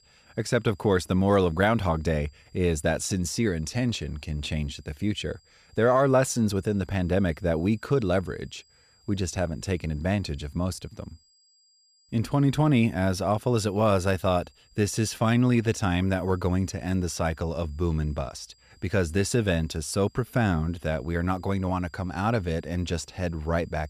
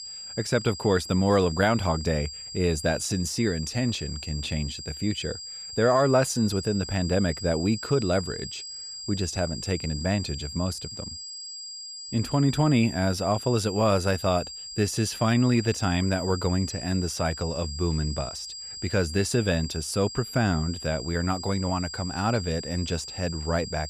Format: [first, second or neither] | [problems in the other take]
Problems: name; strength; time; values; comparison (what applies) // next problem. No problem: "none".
first | high-pitched whine; loud; throughout; 5 kHz, 9 dB below the speech; faint in the first